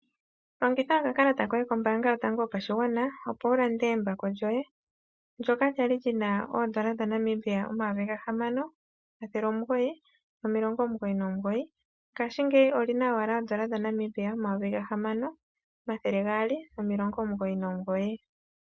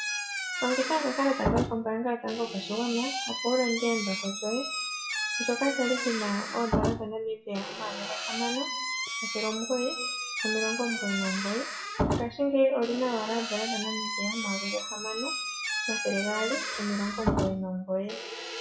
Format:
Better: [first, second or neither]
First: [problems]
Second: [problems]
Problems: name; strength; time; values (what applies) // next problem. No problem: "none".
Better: first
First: none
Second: noise reduction (classical method WPE with log-MMSE)